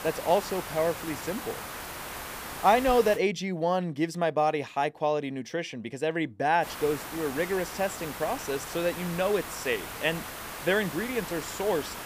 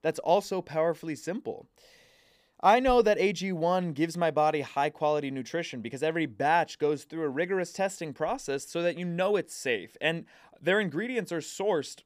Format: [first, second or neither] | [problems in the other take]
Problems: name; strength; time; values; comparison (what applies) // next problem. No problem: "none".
second | hiss; loud; until 3 s and from 6.5 s on; 9 dB below the speech